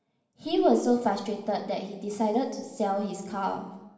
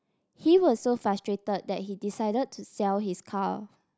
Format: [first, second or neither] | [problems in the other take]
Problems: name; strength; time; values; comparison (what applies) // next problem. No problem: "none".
second | room echo; dies away in 0.9 s